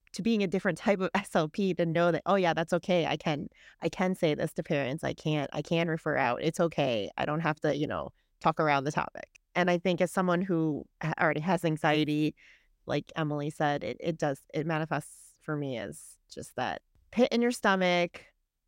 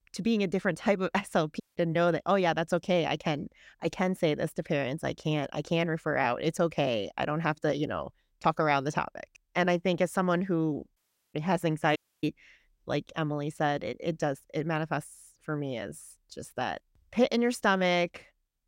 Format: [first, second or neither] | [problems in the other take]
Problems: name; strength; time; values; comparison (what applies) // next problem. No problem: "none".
first | audio cutting out; at 1.5 s, at 11 s and at 12 s